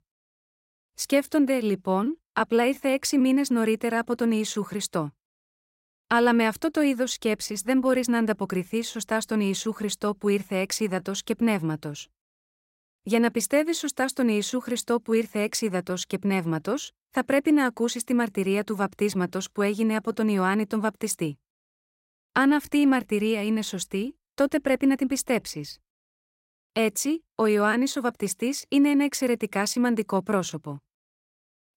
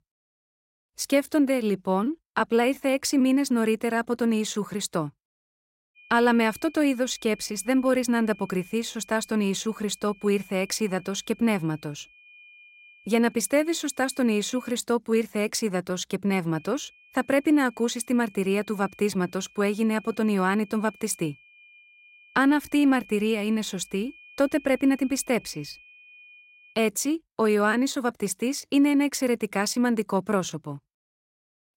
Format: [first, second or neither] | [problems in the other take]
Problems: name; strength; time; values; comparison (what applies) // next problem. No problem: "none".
first | high-pitched whine; faint; from 6 to 15 s and from 17 to 27 s; 2.5 kHz, 25 dB below the speech